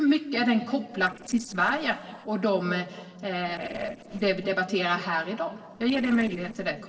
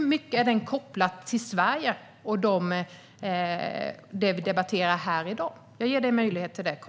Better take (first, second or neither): second